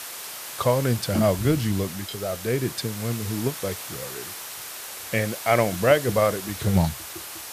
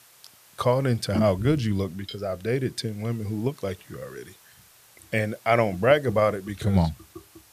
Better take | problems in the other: second | hiss; loud; throughout; 9 dB below the speech; faint in the second

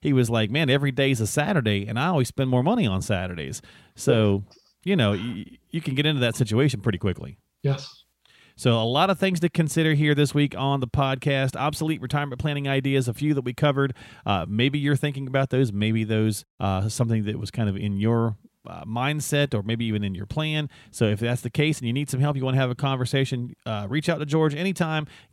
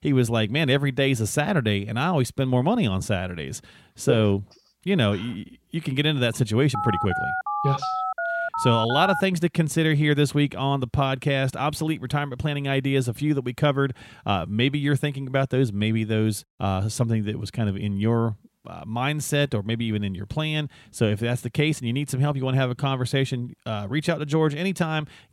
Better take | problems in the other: first | phone ringing; noticeable; from 6.5 to 9 s; peak 2 dB below the speech

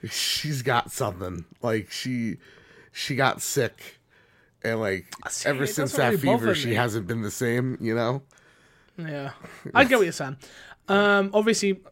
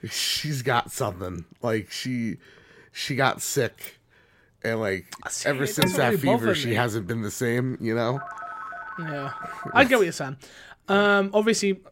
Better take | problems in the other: first | jangling keys; faint; at 4 s; peak 20 dB below the speech // clattering dishes; noticeable; at 6 s; peak 2 dB below the speech // phone ringing; faint; from 8 to 10 s; peak 10 dB below the speech

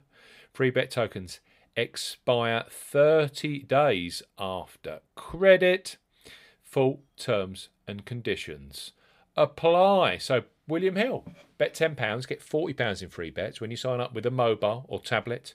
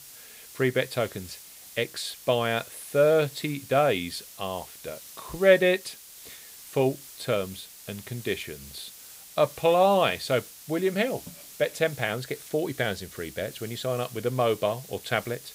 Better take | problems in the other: first | hiss; noticeable; throughout; 15 dB below the speech

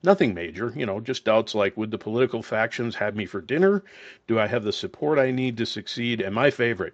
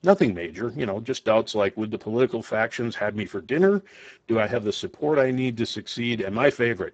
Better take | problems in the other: first | garbled, watery; badly; nothing above 7.5 kHz; slightly in the first

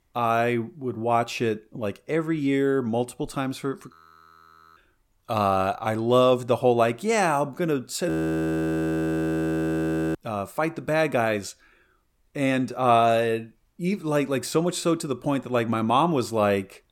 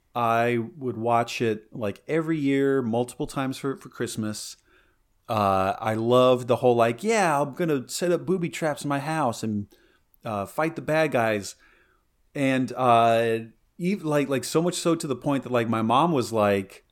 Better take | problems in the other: second | audio freezing; at 4 s for 1 s and at 8 s for 2 s

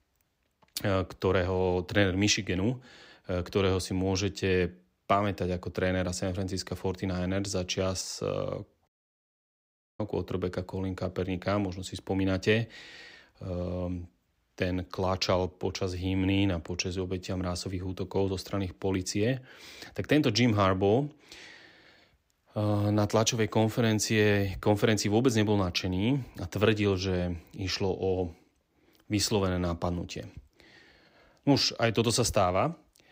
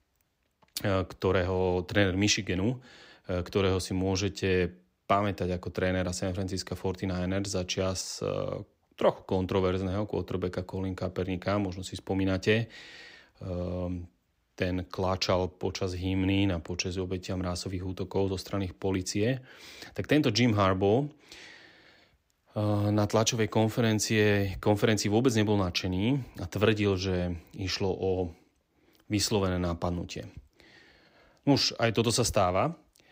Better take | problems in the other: second | audio cutting out; at 9 s for 1 s

